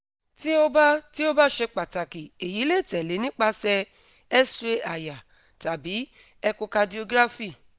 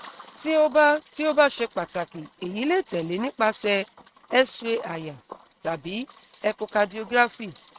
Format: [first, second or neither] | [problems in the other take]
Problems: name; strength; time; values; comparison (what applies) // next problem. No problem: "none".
first | noise reduction (neural mask model RNNoise)